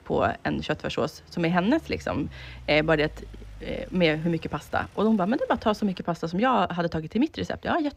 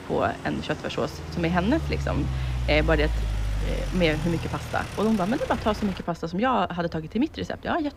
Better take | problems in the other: first | traffic noise; loud; throughout; 5 dB below the speech; faint in the first

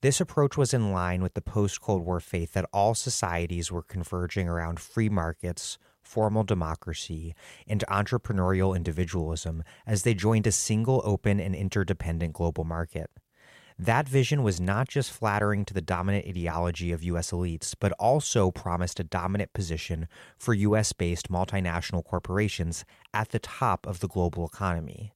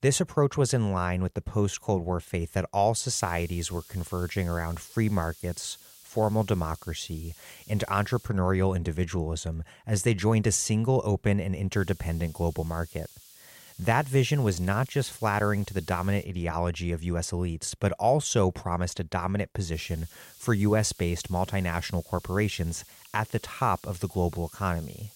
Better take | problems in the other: first | hiss; faint; from 3 to 8.5 s, from 12 to 16 s and from 20 s on; 20 dB below the speech

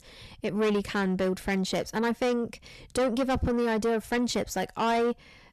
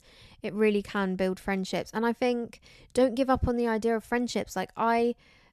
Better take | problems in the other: second | distortion; heavy; 7 dB below the speech

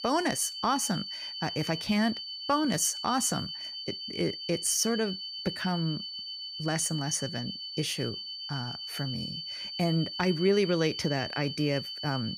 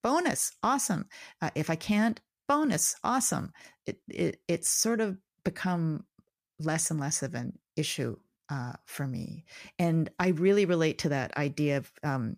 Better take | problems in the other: second | high-pitched whine; loud; throughout; 4.5 kHz, 6 dB below the speech

